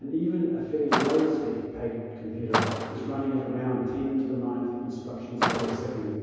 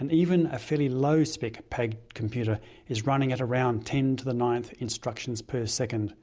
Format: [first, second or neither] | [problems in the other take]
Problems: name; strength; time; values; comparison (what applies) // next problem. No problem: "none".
second | background sound (Car); 4 dB below the speech // room echo; dies away in 2.2 s